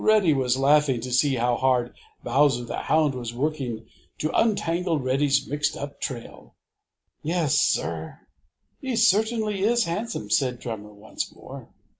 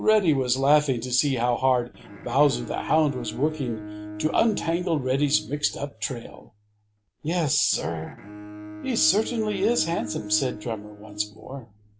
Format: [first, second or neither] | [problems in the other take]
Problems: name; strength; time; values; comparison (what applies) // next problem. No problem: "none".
first | background sound (Bowed string instrument); 14 dB below the speech